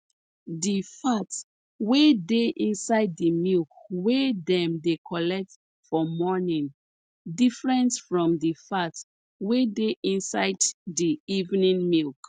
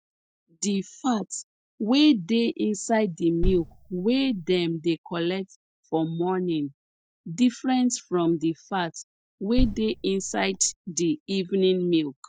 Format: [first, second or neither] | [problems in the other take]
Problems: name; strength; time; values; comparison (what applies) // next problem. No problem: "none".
first | noise reduction (neural mask model DeepFilterNet 3)